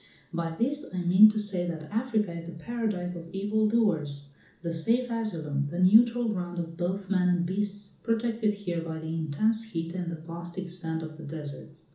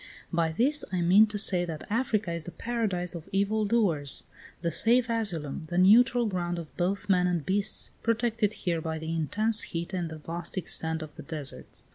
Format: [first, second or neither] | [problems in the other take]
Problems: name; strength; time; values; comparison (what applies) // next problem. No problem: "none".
second | room echo; dies away in 0.7 s